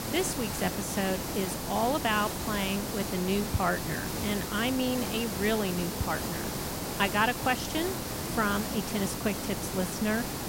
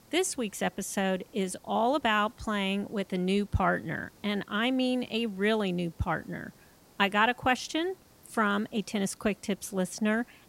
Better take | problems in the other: second | hiss; loud; throughout; 3 dB below the speech; faint in the second

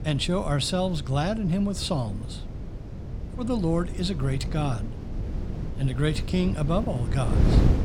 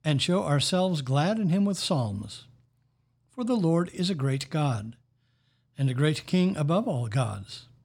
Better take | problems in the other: second | wind noise on the microphone; occasional gusts; 10 dB below the speech

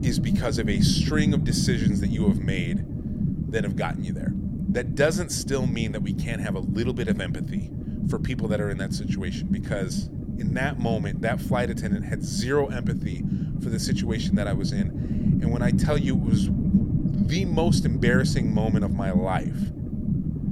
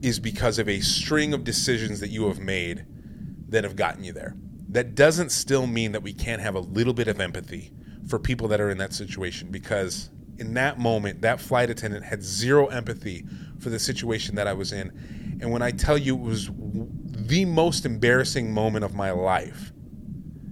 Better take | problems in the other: second | low rumble; loud; throughout; 4 dB below the speech; faint in the second

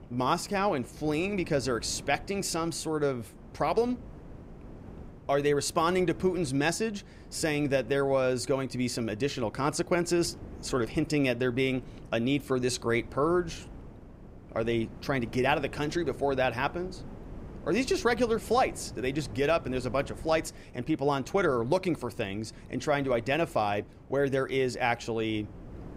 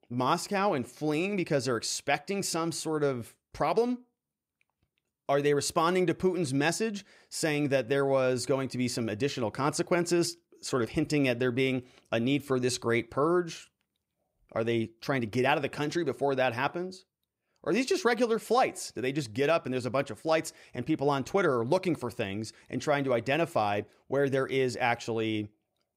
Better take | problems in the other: second | wind noise on the microphone; occasional gusts; 25 dB below the speech

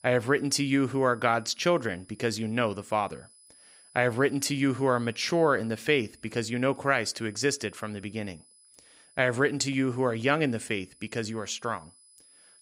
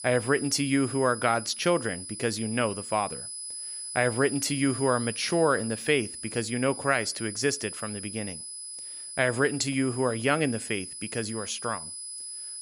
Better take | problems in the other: first | high-pitched whine; loud; throughout; 10 kHz, 8 dB below the speech; faint in the first

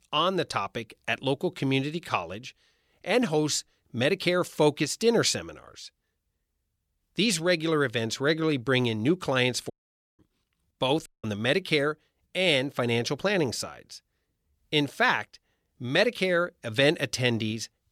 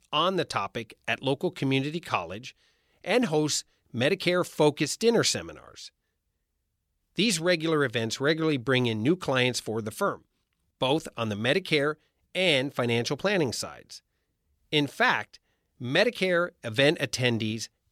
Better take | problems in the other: second | audio cutting out; at 9.5 s and at 11 s

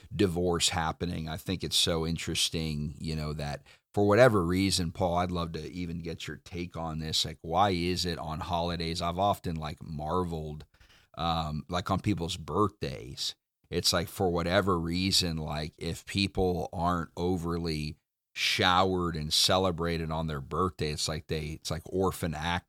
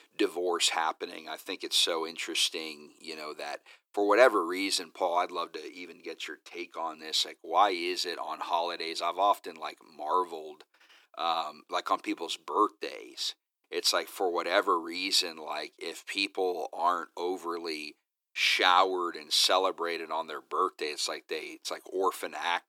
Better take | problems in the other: first | thin; very; fading below 300 Hz

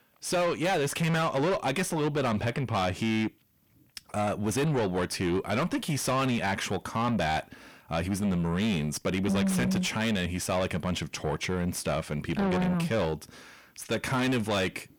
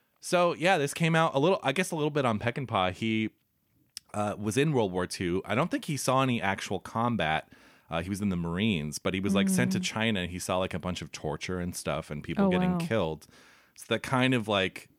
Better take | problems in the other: second | distortion; heavy; 7 dB below the speech

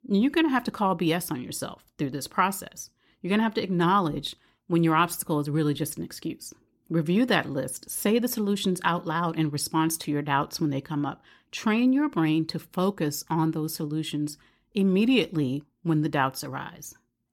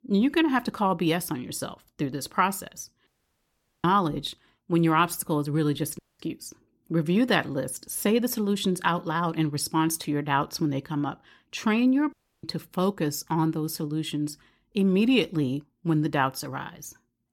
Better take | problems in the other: first | audio cutting out; at 3 s for 1 s, at 6 s and at 12 s

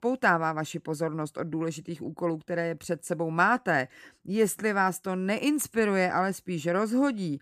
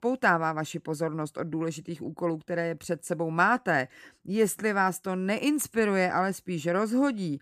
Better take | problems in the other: neither | none

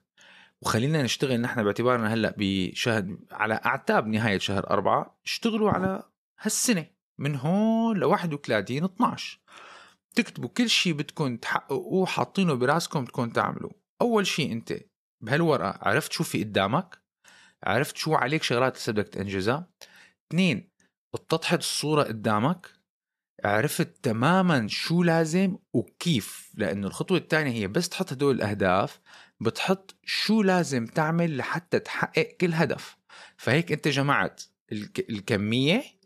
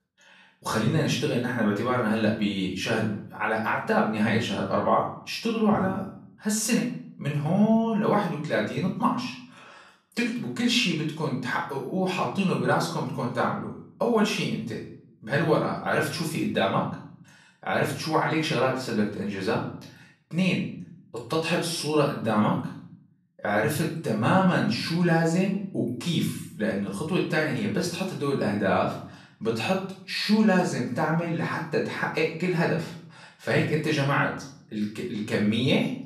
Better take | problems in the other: first | off-mic speech; far // room echo; slight; dies away in 0.5 s

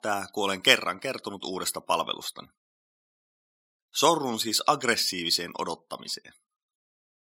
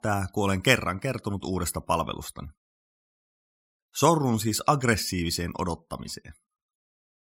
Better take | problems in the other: second | thin; somewhat; fading below 350 Hz

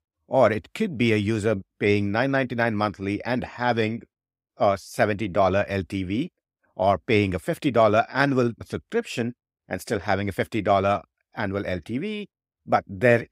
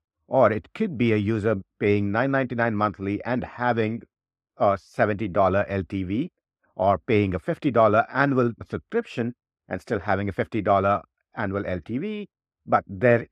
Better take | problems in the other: first | muffled; slightly; fading above 1.5 kHz

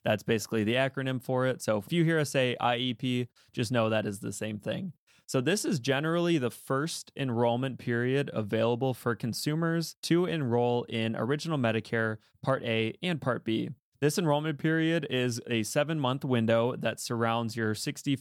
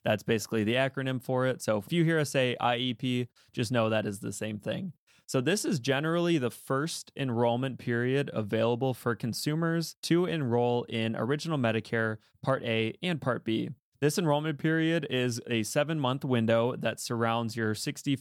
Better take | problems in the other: neither | none

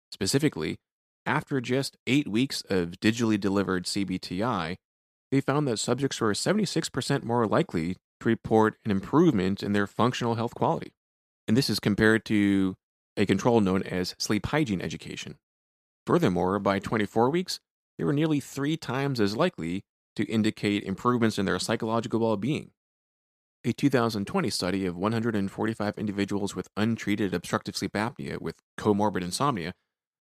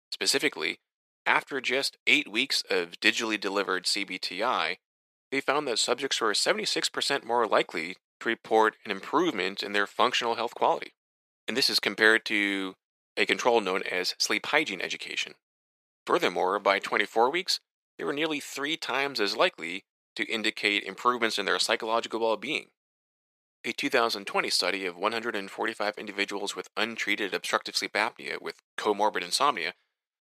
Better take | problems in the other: first | thin; very; fading below 550 Hz

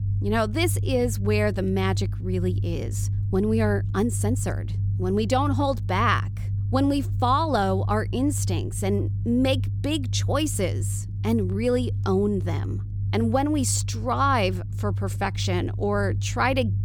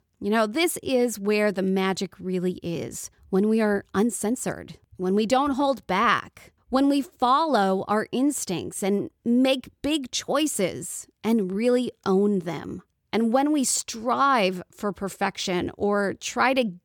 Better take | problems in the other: second | low rumble; noticeable; throughout; 15 dB below the speech

